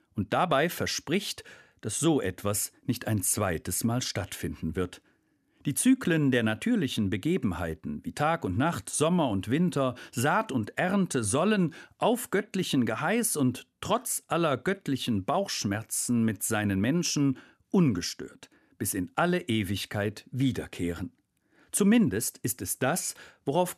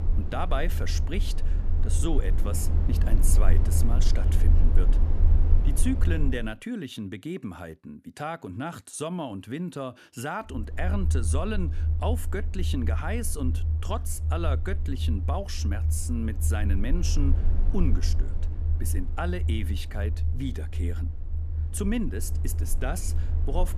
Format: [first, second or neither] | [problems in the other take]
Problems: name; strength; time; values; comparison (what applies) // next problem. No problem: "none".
first | low rumble; loud; until 6.5 s and from 11 s on; 9 dB below the speech